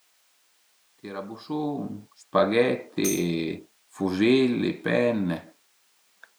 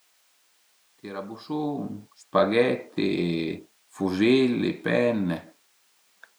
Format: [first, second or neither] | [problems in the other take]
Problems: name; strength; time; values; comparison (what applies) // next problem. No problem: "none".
second | background sound (Tambourine); 13 dB below the speech